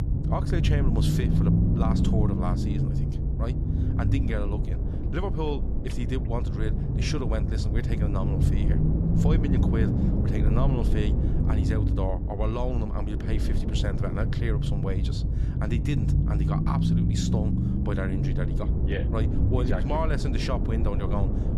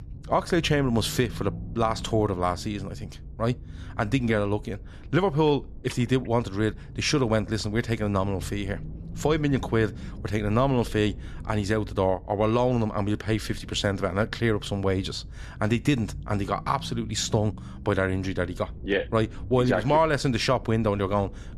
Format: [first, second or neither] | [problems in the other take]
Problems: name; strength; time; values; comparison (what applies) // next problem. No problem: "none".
second | low rumble; loud; throughout; 1 dB below the speech; faint in the second